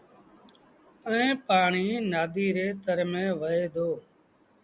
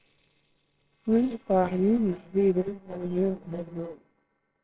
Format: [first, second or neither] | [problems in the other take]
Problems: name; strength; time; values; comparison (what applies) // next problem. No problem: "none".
first | noise reduction (neural separator model SepFormer WHAMR!)